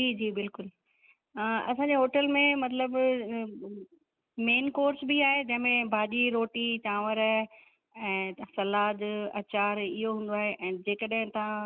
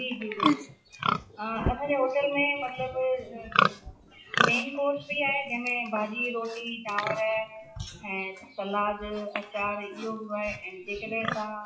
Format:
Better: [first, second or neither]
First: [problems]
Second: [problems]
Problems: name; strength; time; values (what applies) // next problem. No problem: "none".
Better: first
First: none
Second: noise reduction (classical method WPE with log-MMSE)